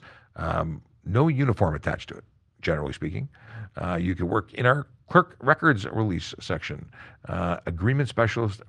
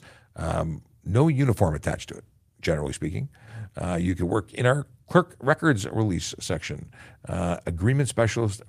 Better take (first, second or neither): second